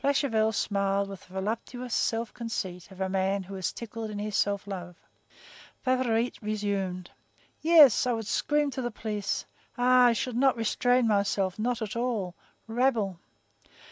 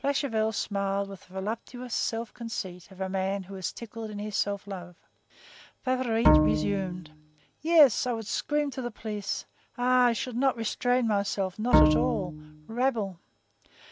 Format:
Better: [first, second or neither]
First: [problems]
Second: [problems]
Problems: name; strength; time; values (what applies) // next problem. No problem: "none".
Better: first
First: none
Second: background sound (Bowed string instrument); 3 dB above the speech